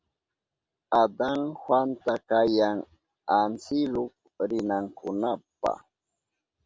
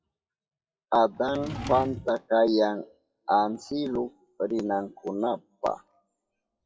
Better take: first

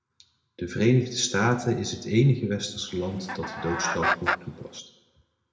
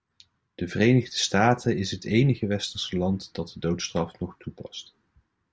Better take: second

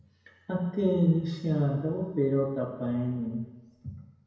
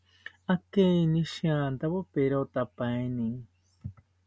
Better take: second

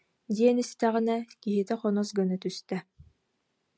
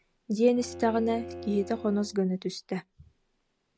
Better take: first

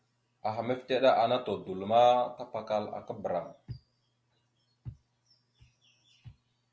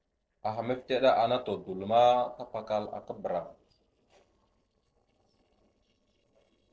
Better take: first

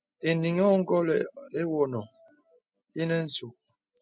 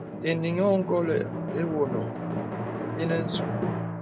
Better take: first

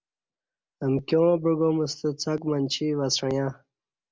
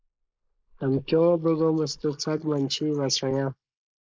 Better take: first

